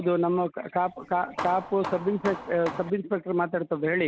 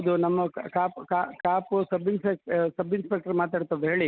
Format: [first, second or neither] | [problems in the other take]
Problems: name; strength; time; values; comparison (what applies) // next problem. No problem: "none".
second | background sound (Hammer); 11 dB below the speech